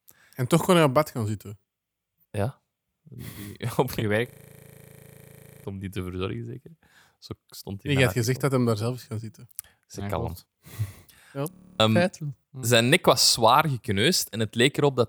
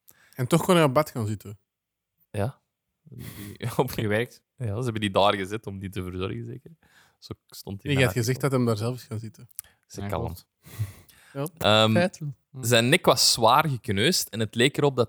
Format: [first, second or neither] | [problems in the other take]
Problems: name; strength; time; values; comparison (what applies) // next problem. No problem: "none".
second | audio freezing; at 4.5 s for 1.5 s and at 12 s